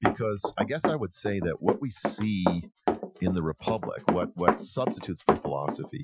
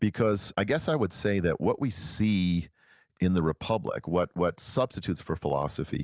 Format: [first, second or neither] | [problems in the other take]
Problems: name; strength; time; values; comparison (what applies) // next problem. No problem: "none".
second | noise reduction (classical method Wiener filter)